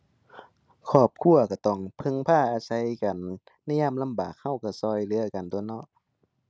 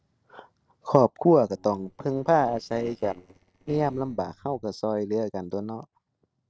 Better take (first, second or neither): first